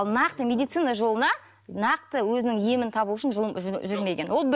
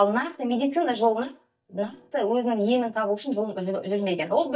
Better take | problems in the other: first | noise reduction (neural mask model DeepFilterNet 3)

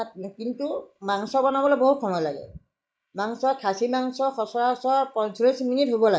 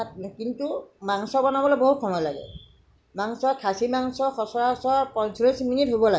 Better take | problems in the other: second | noise reduction (neural mask model Resemble Enhance denoiser)

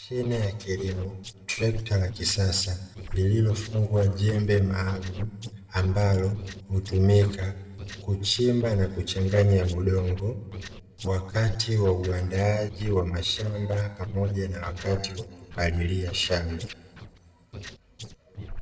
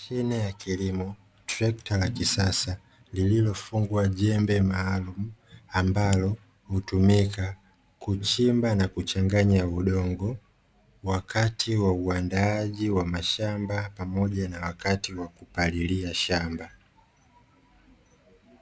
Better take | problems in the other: second | noise reduction (neural separator model SepFormer DNS4)

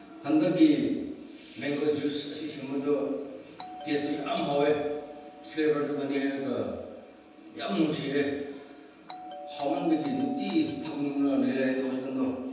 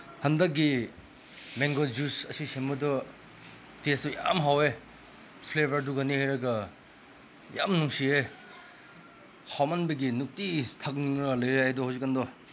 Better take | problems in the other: second | background sound (Doorbell); 18 dB below the speech // room echo; dies away in 1.1 s

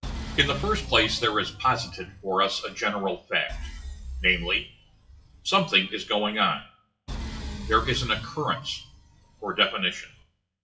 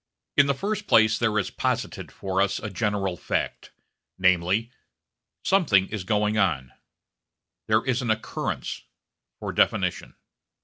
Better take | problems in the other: second | noise reduction (classical method WPE with log-MMSE)

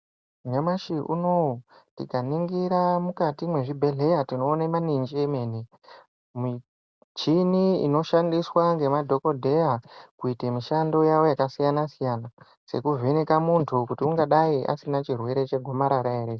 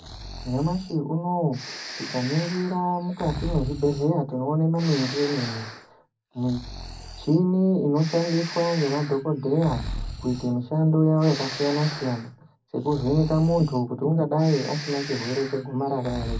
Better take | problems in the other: first | background sound (Breathing); 12 dB below the speech // room echo; dies away in 0.4 s

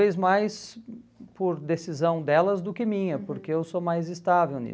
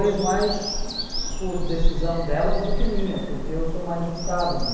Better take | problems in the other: first | background sound (Bird vocalization, bird call, bird song); 3 dB above the speech // room echo; dies away in 1.2 s

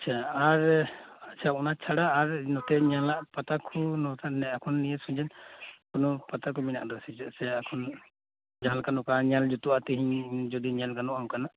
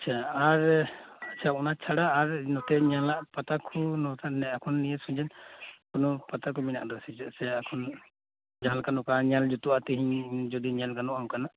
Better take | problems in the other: first | background sound (Dishes, pots, and pans / Chink, clink); 19 dB below the speech

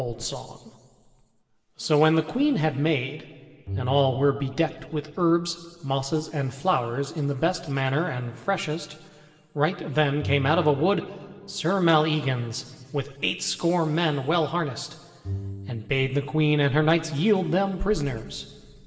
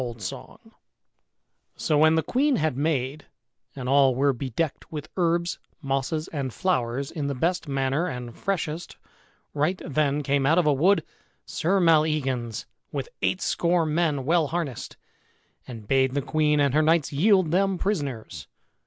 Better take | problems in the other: second | background sound (Bowed string instrument); 14 dB below the speech // room echo; dies away in 1.6 s

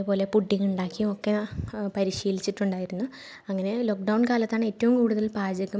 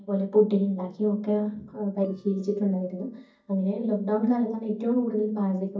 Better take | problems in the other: first | noise reduction (neural mask model DeepFilterNet 3)

